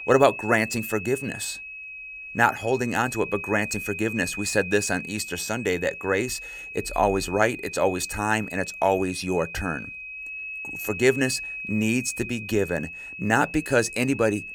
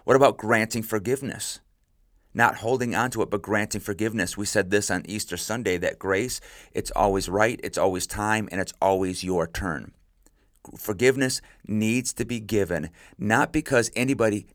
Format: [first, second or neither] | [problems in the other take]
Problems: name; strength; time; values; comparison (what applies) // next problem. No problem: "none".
second | high-pitched whine; loud; throughout; 2.5 kHz, 9 dB below the speech